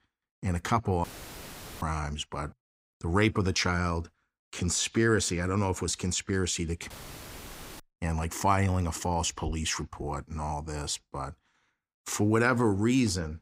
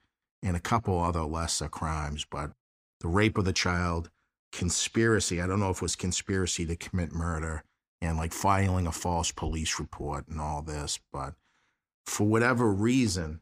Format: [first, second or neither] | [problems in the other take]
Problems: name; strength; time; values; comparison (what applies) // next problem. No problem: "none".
second | audio cutting out; filled with static; at 1 s for 1 s and at 7 s for 1 s